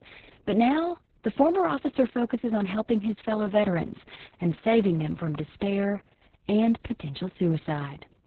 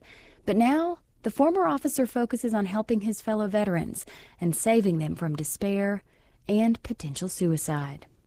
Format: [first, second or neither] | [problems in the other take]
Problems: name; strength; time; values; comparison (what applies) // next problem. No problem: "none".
second | garbled, watery; badly; slightly in the second